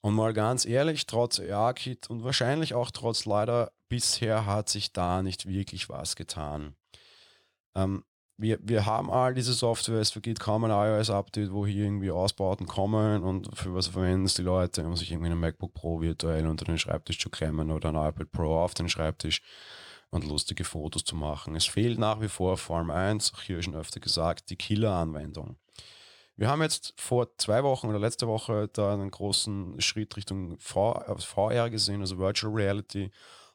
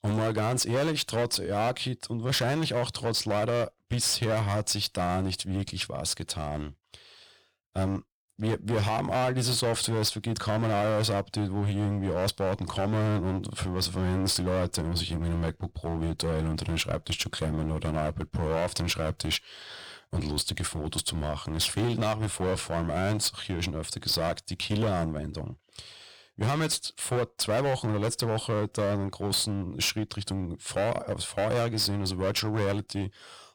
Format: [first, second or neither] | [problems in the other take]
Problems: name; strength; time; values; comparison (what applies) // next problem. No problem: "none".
first | distortion; heavy; 14% of the sound clipped